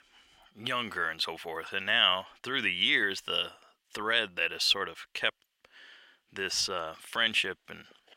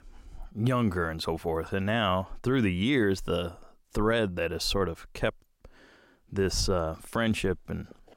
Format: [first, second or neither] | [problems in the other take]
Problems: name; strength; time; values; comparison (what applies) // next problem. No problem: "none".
second | thin; very; fading below 900 Hz